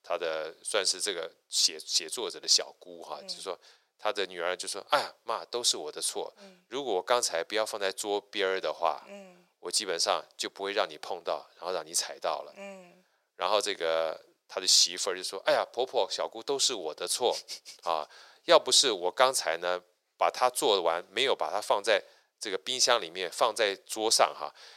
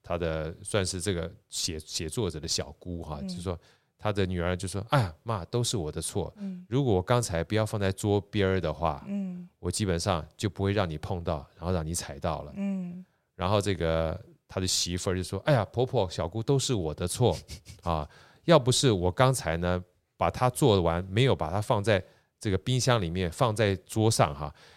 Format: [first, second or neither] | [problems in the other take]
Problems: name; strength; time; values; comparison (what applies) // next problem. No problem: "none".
second | thin; very; fading below 450 Hz